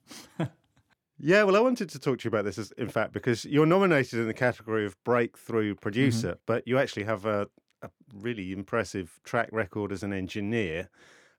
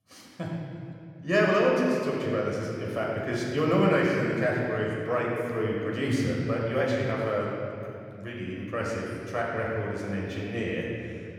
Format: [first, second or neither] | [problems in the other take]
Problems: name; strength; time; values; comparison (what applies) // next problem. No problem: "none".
first | off-mic speech; far // room echo; noticeable; dies away in 2.6 s